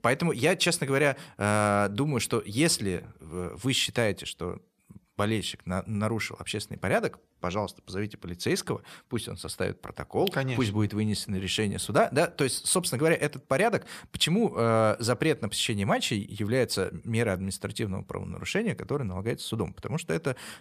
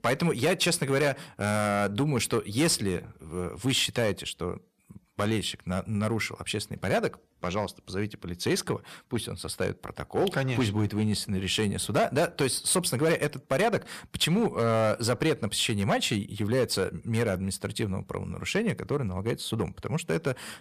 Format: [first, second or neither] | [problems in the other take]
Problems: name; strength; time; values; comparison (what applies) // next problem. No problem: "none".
first | distortion; slight; 4% of the sound clipped